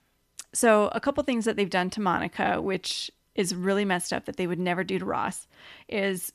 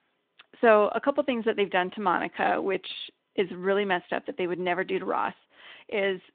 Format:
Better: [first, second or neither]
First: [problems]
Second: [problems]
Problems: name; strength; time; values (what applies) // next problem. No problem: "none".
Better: first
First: none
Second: phone-call audio; nothing above 3.5 kHz